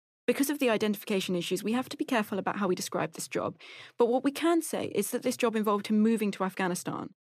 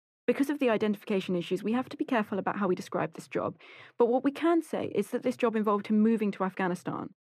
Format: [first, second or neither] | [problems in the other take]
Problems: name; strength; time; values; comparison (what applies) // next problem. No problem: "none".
first | muffled; slightly; fading above 3.5 kHz